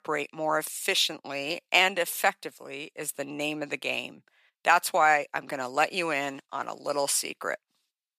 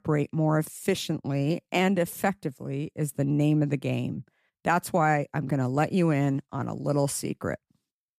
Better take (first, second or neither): second